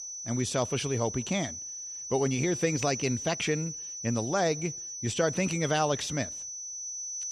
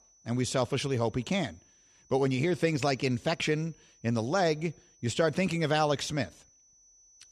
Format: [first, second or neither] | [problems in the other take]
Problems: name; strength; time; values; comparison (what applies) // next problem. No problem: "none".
second | high-pitched whine; loud; throughout; 6 kHz, 6 dB below the speech; faint in the second